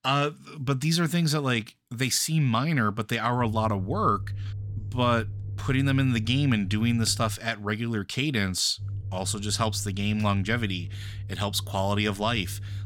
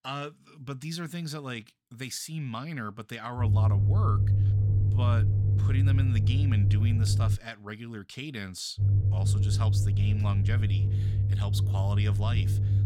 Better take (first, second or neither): first